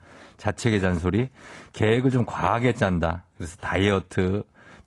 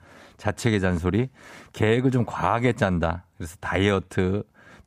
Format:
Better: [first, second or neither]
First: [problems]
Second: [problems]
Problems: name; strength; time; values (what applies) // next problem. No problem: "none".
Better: second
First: garbled, watery; slightly; nothing above 10.5 kHz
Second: none